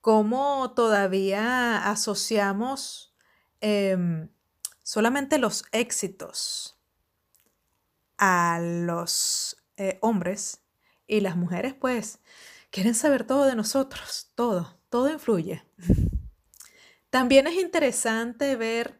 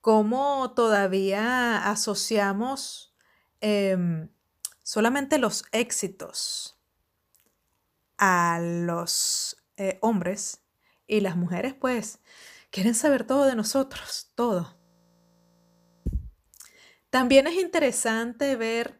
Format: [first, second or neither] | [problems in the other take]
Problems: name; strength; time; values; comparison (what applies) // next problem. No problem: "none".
first | audio freezing; at 15 s for 1.5 s